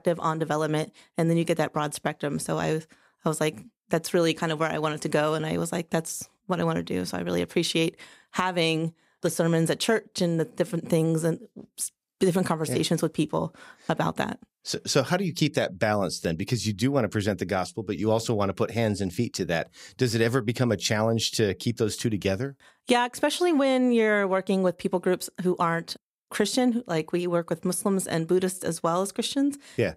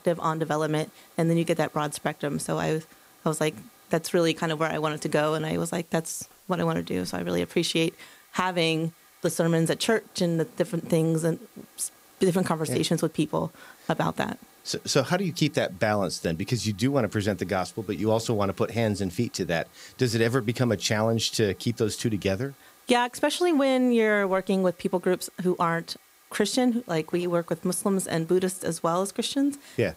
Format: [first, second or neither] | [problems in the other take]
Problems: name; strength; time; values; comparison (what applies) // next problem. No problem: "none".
first | hiss; faint; throughout; 25 dB below the speech